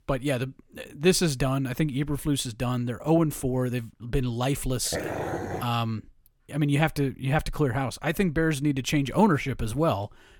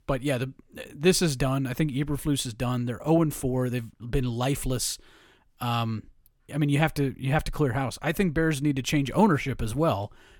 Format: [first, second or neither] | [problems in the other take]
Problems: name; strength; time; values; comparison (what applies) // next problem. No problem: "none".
second | dog barking; noticeable; at 5 s; peak 4 dB below the speech